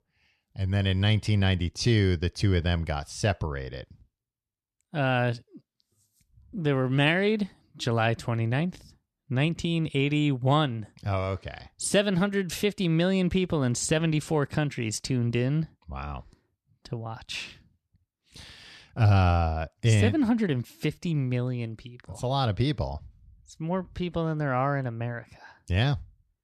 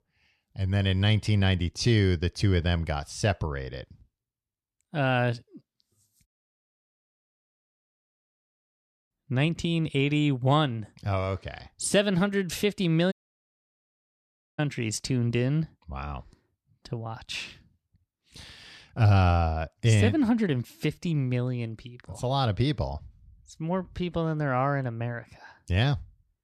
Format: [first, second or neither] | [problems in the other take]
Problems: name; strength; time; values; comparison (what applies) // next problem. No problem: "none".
first | audio cutting out; at 6.5 s for 3 s and at 13 s for 1.5 s